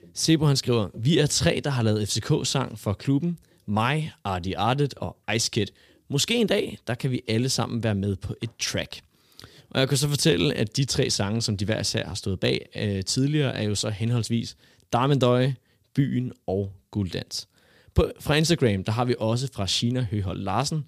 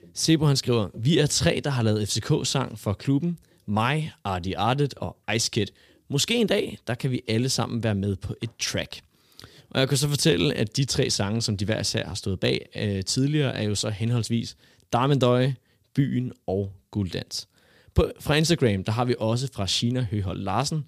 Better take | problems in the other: neither | none

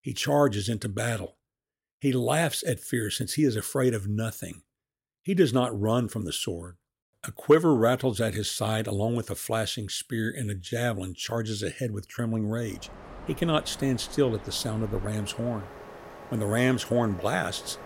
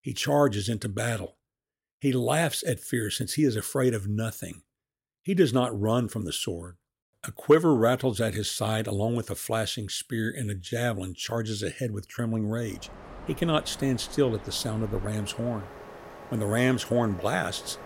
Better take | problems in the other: neither | train or aircraft noise; noticeable; from 13 s on; 15 dB below the speech; the same in both

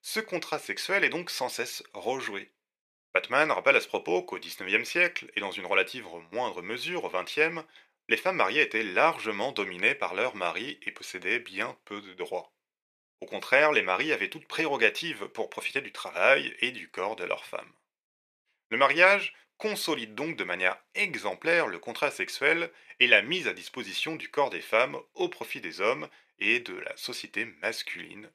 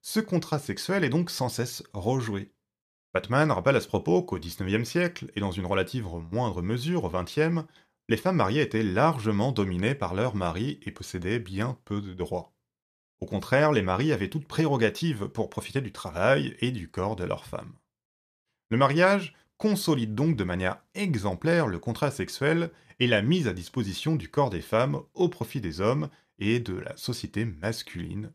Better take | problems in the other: second | thin; very; fading below 500 Hz

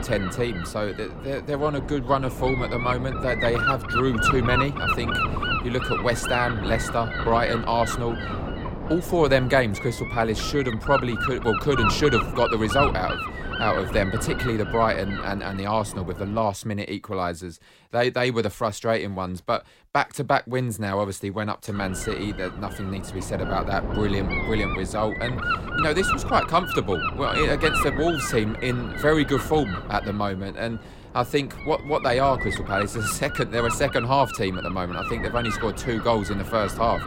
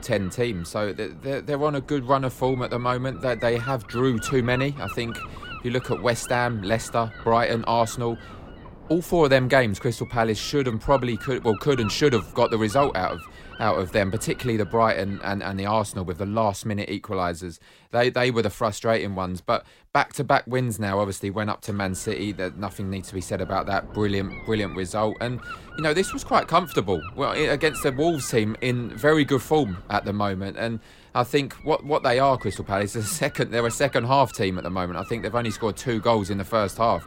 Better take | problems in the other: second | wind noise on the microphone; heavy; until 16 s and from 22 s on; 2 dB below the speech; occasional gusts in the second

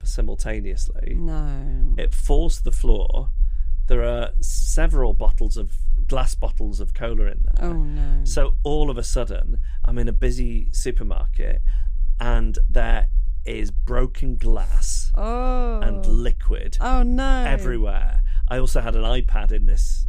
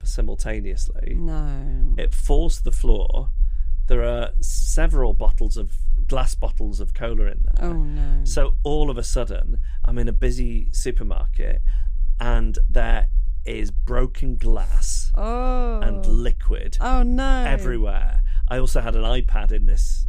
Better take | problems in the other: neither | low rumble; faint; throughout; 25 dB below the speech; the same in both

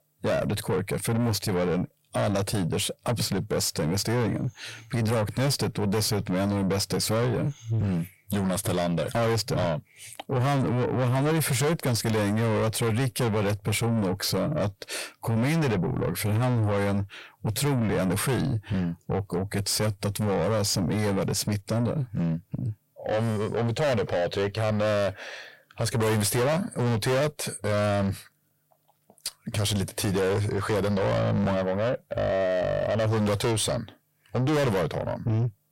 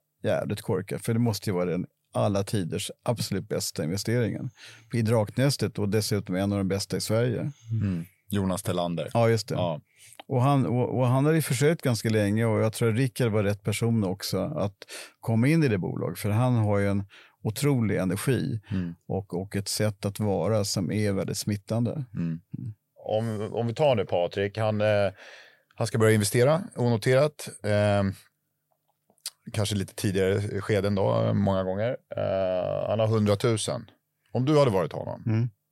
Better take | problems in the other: second | distortion; heavy; 6 dB below the speech

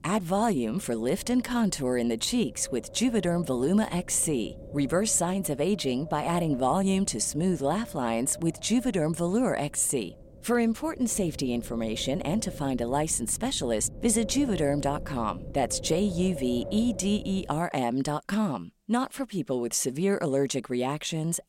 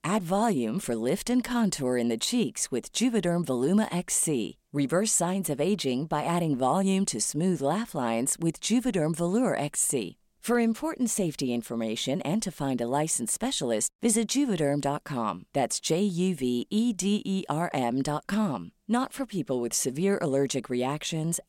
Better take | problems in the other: second | wind noise on the microphone; occasional gusts; until 18 s; 15 dB below the speech

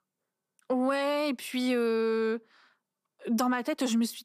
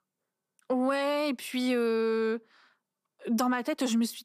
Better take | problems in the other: neither | none

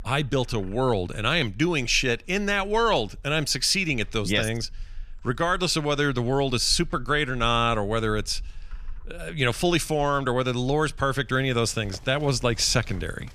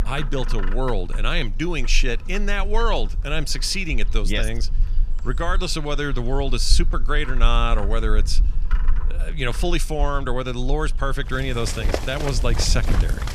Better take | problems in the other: first | animal sounds; loud; throughout; 1 dB below the speech; faint in the first

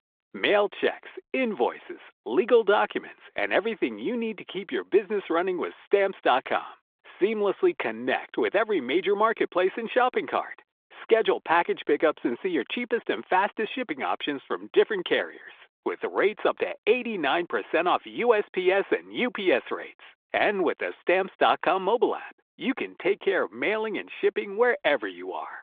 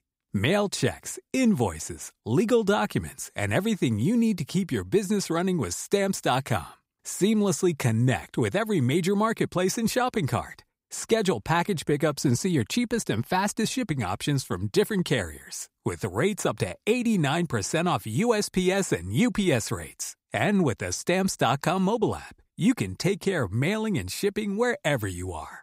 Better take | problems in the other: second | phone-call audio; nothing above 3.5 kHz

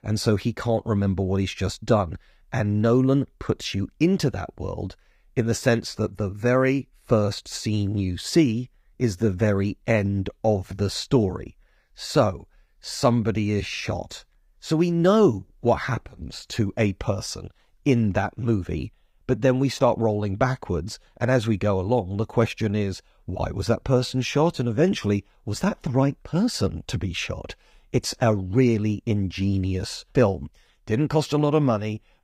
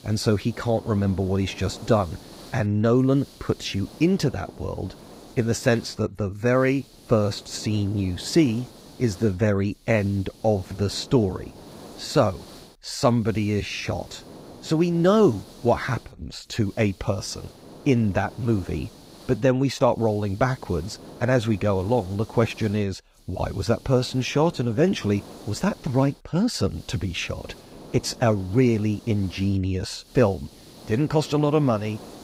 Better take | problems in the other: first | hiss; faint; throughout; 20 dB below the speech

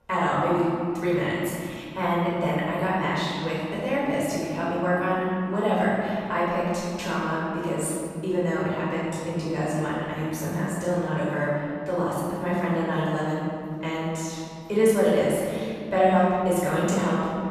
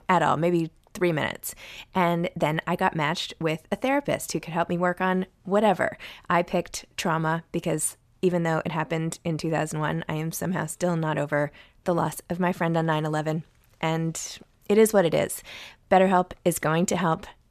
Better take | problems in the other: second | off-mic speech; far // room echo; strong; dies away in 2.3 s

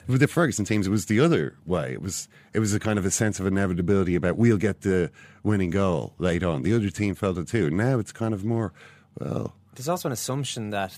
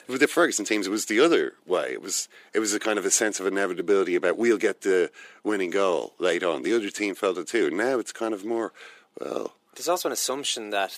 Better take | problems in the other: first | thin; somewhat; fading below 350 Hz

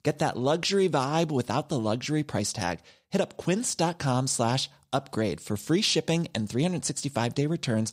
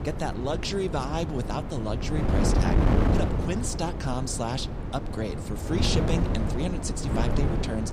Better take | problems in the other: first | wind noise on the microphone; heavy; 2 dB below the speech

